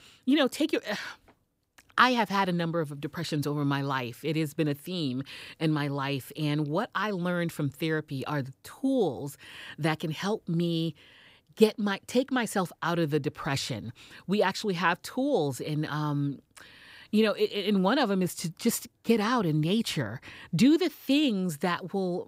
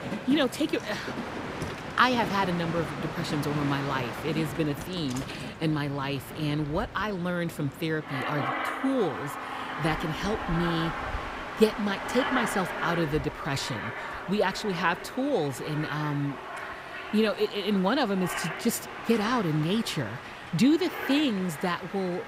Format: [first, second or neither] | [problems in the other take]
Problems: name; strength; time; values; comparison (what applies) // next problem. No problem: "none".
first | train or aircraft noise; loud; throughout; 7 dB below the speech